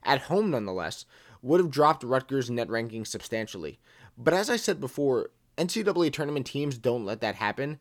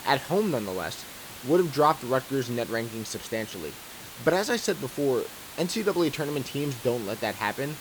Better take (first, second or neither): first